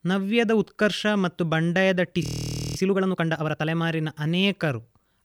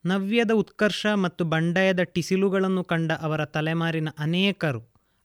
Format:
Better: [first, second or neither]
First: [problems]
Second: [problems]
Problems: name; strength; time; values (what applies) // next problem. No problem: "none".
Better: second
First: audio freezing; at 2 s for 0.5 s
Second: none